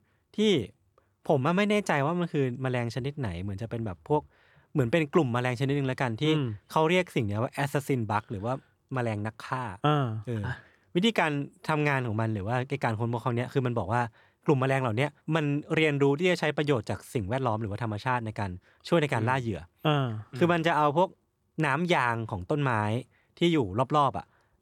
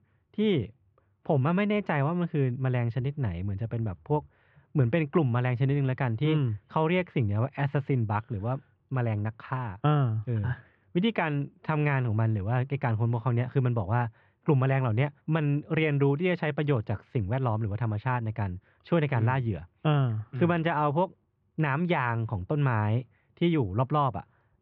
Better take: first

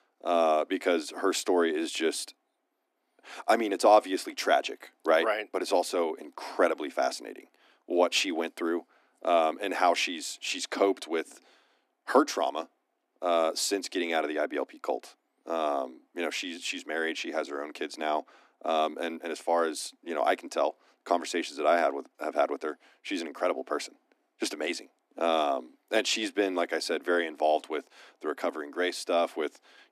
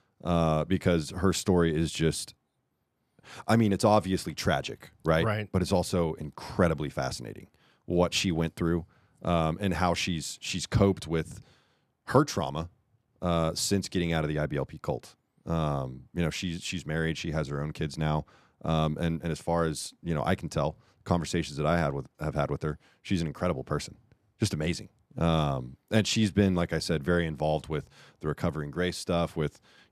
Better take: second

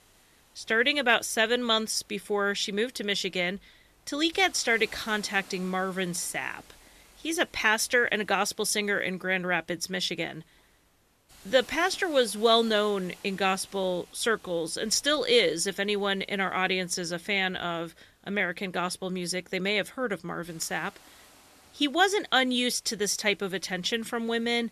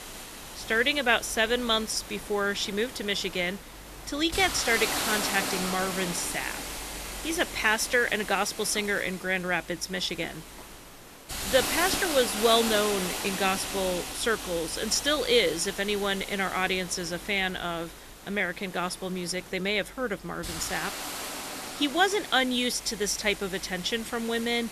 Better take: first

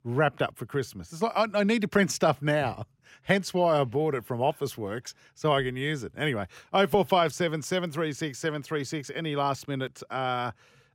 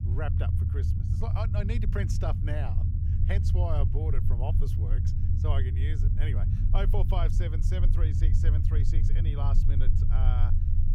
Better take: first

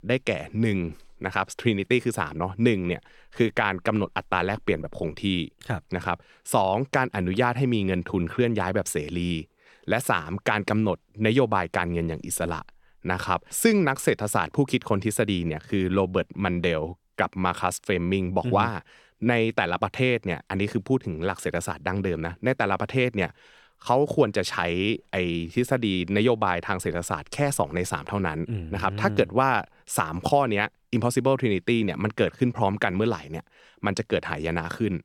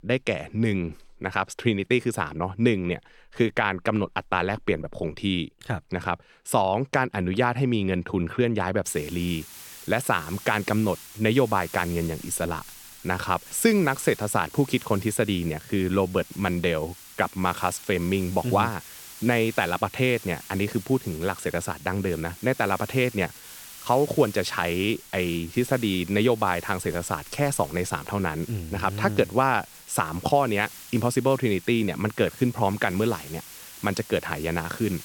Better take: first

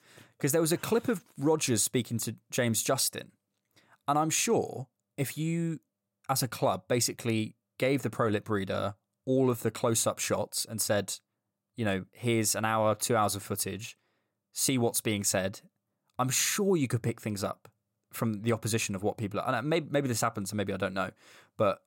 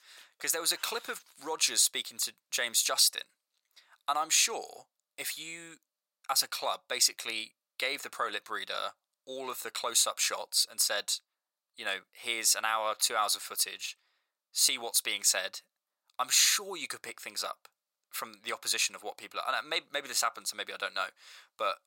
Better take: first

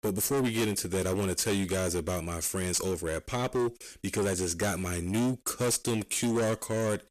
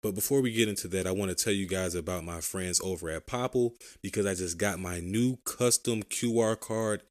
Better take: second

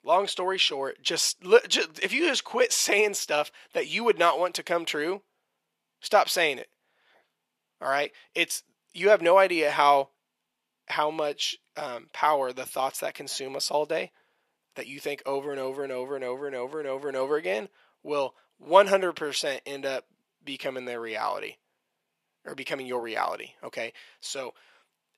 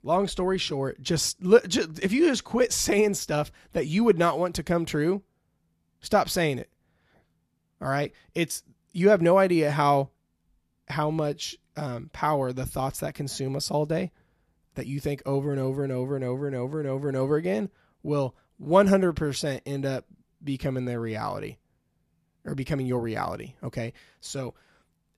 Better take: second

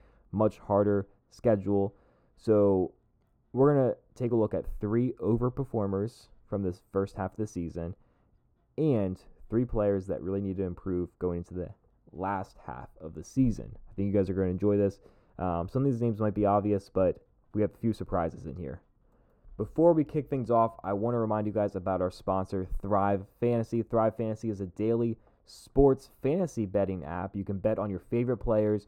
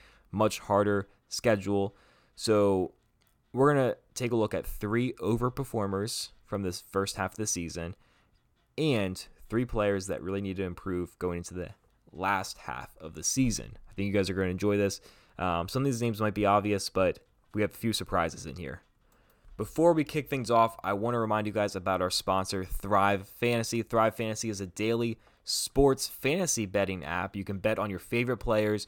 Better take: second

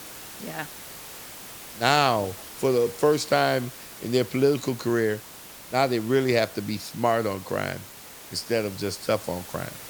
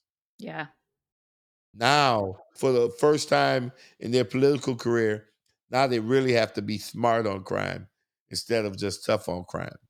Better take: second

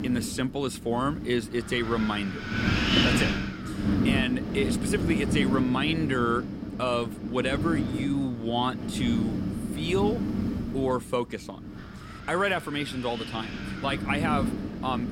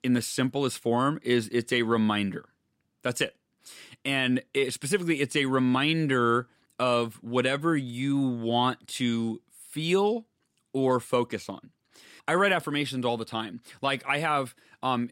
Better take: second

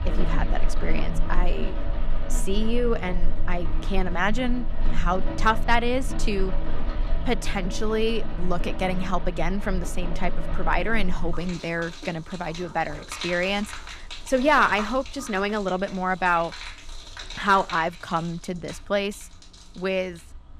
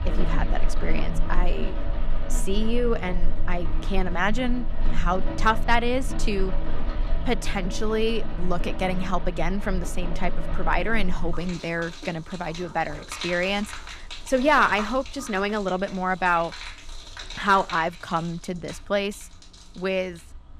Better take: neither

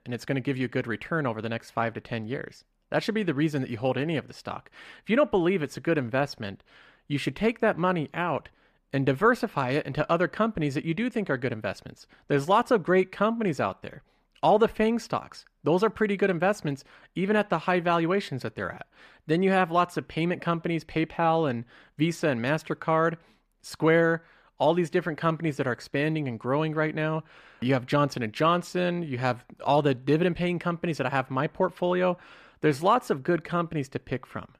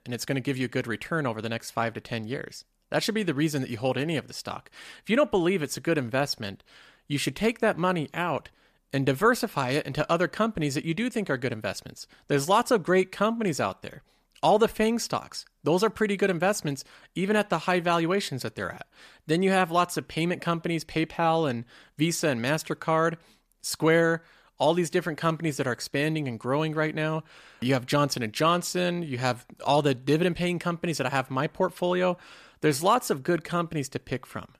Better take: second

